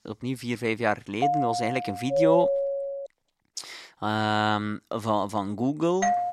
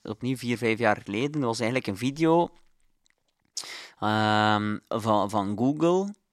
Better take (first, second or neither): second